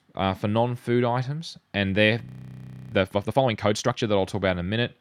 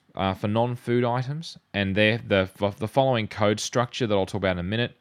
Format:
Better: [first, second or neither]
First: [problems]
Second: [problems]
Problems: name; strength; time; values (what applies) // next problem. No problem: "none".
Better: second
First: audio freezing; at 2.5 s for 0.5 s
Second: none